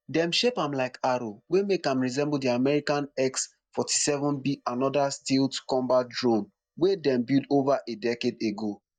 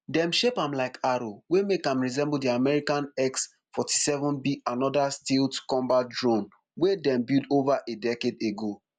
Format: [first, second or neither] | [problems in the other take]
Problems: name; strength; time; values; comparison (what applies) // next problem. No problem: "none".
second | noise reduction (neural mask model DeepFilterNet 3)